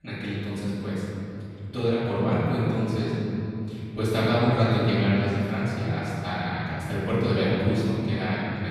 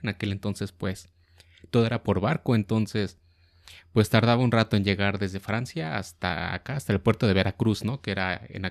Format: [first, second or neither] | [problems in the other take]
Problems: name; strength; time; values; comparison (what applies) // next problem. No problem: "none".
second | off-mic speech; far // room echo; strong; dies away in 3 s